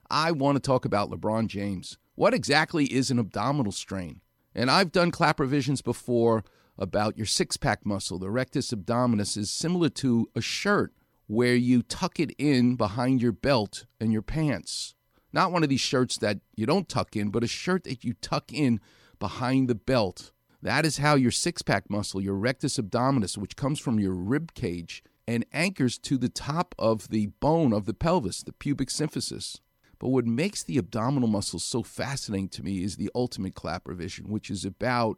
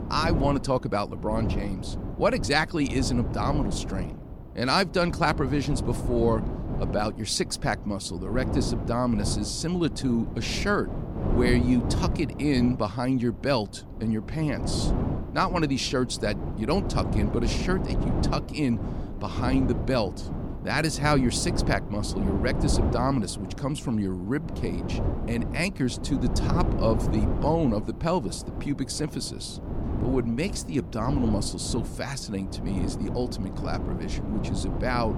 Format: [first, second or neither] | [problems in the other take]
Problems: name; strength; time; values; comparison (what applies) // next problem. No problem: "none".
first | wind noise on the microphone; heavy; 9 dB below the speech